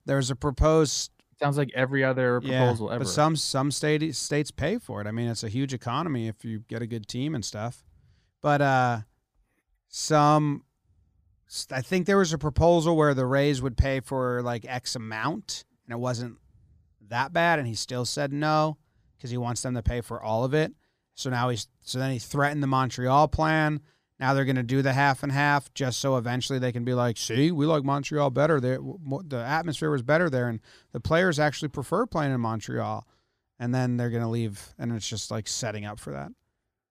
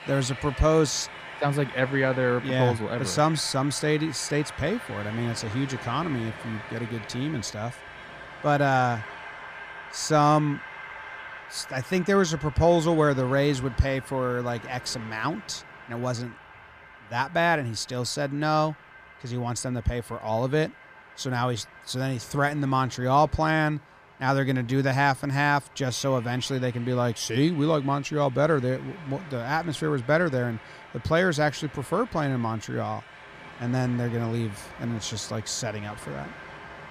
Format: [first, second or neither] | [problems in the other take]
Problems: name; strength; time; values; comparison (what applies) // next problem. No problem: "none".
first | train or aircraft noise; noticeable; throughout; 15 dB below the speech